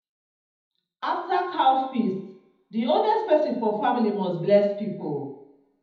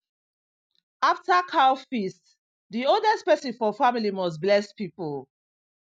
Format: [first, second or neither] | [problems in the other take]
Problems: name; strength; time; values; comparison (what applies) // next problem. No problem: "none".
second | room echo; dies away in 1 s